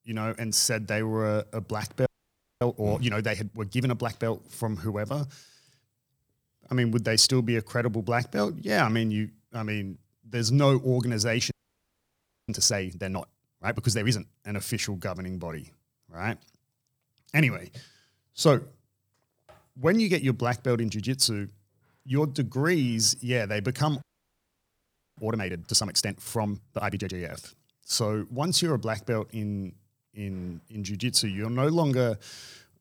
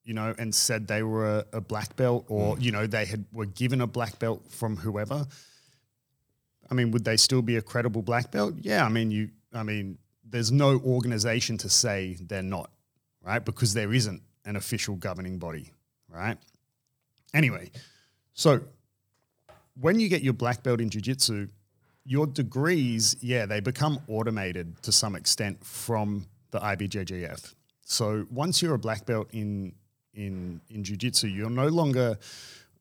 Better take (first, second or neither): second